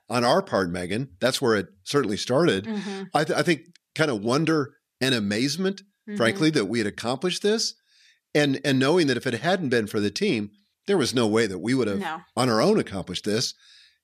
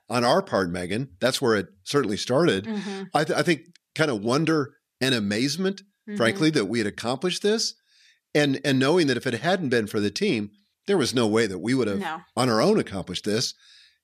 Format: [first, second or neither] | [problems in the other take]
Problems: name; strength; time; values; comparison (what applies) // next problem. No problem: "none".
neither | none